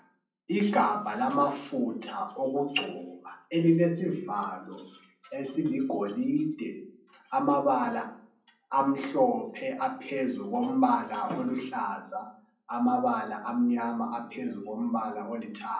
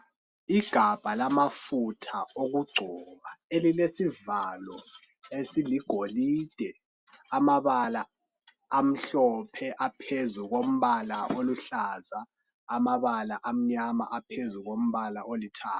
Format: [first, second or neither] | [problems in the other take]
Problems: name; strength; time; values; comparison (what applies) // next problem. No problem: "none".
second | room echo; dies away in 0.6 s